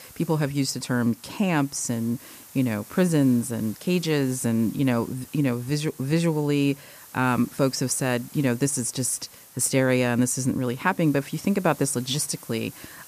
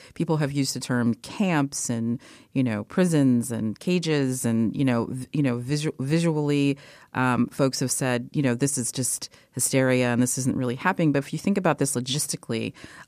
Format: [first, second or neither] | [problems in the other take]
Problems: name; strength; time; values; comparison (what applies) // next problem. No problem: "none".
second | hiss; noticeable; throughout; 20 dB below the speech